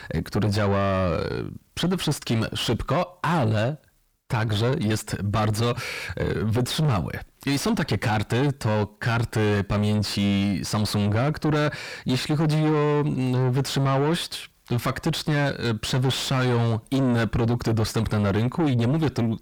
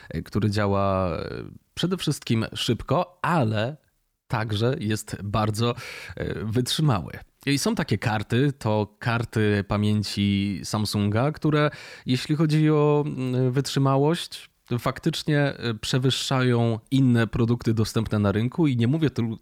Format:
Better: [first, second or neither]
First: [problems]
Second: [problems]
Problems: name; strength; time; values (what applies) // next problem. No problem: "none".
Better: second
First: distortion; heavy; 7 dB below the speech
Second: none